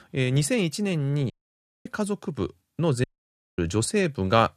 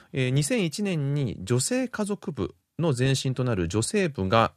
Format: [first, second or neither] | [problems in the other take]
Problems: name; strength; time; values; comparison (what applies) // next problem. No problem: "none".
second | audio cutting out; at 1.5 s for 0.5 s and at 3 s for 0.5 s